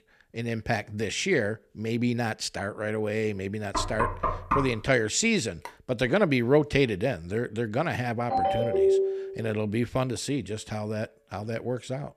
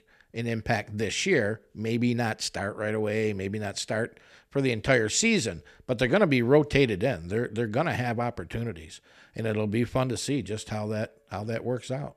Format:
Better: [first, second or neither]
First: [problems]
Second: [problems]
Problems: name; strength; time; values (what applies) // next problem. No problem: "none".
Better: second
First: door banging; loud; from 3.5 to 4.5 s; peak 1 dB above the speech // phone ringing; faint; at 5.5 s; peak 20 dB below the speech // phone ringing; loud; from 8.5 to 9.5 s; peak 5 dB above the speech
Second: none